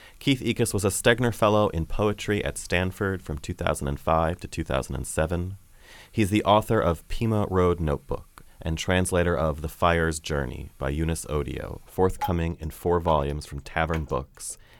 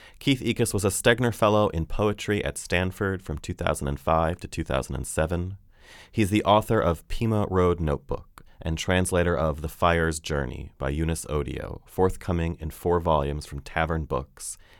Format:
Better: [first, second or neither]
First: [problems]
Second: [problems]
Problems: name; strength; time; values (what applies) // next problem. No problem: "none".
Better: second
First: rain or running water; noticeable; throughout; 15 dB below the speech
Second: none